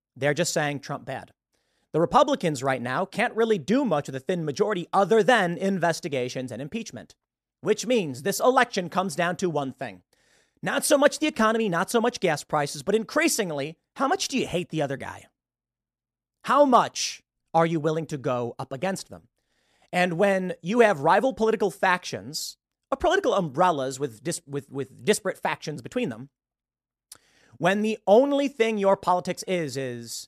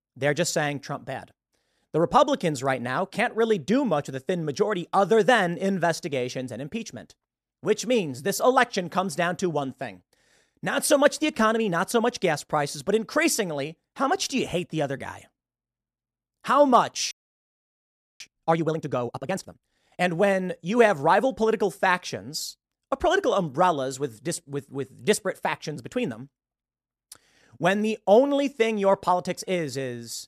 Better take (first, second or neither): first